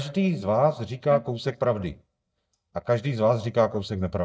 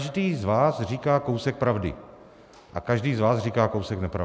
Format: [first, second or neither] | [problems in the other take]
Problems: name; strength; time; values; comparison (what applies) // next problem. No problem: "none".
second | noise reduction (neural mask model DeepFilterNet 3)